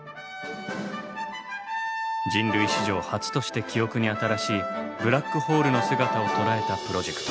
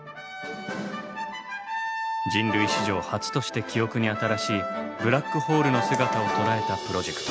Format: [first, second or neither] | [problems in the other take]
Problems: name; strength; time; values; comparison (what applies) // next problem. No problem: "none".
first | background sound (Bird); 14 dB below the speech